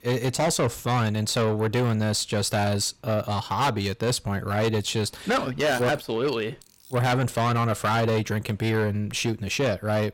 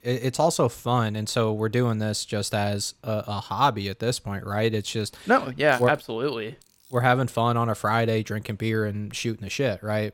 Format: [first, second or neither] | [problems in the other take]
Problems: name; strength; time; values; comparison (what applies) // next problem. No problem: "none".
second | distortion; heavy; 7 dB below the speech